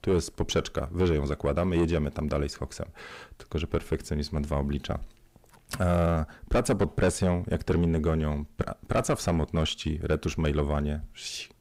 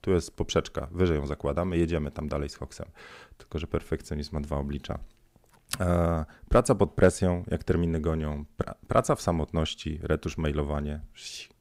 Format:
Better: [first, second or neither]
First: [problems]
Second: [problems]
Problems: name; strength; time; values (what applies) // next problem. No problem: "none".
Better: second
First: distortion; heavy; 7 dB below the speech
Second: none